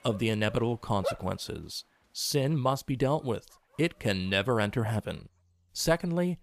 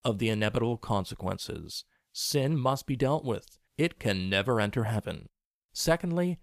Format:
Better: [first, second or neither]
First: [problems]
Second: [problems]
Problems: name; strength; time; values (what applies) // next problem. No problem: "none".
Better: second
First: animal sounds; loud; throughout; 10 dB below the speech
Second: none